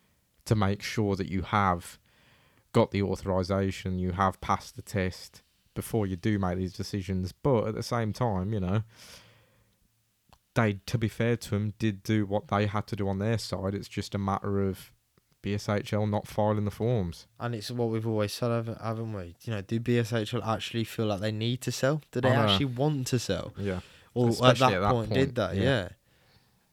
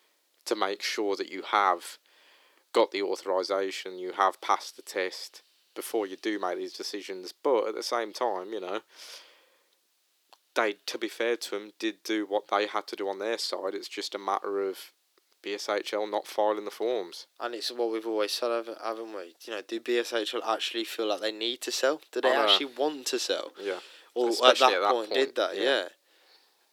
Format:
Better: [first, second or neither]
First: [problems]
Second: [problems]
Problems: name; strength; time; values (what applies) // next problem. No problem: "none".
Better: first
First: none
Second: thin; very; fading below 350 Hz